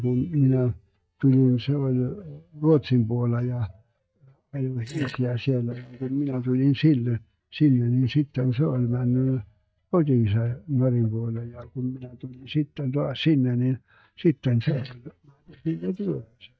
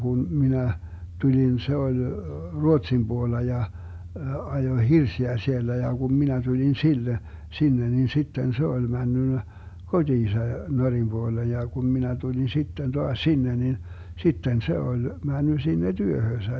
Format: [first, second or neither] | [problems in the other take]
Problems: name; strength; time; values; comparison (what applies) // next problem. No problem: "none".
second | noise reduction (neural mask model DeepFilterNet 3)